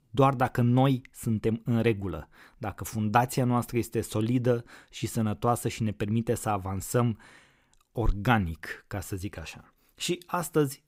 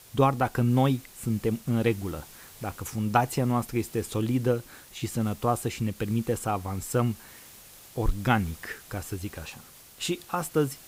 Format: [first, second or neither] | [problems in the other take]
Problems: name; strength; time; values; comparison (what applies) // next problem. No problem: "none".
first | hiss; noticeable; throughout; 20 dB below the speech